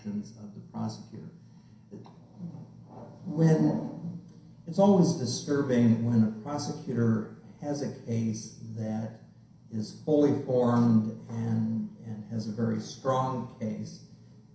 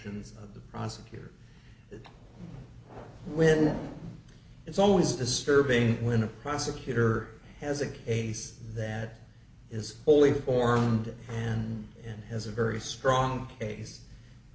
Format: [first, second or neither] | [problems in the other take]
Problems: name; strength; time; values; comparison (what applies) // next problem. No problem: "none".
second | room echo; dies away in 0.5 s